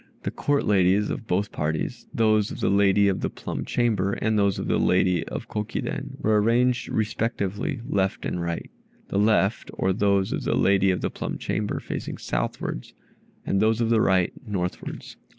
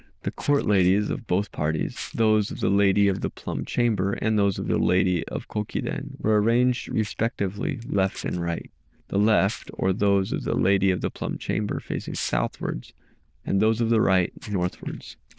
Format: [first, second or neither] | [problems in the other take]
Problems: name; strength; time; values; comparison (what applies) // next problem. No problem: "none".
first | noise reduction (neural diffusion model UNIVERSE++)